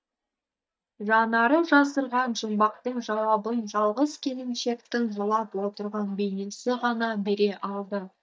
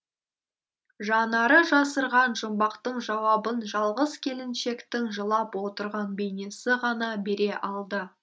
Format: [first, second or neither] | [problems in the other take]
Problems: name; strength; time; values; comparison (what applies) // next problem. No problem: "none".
second | noise reduction (neural mask model DeepFilterNet 3)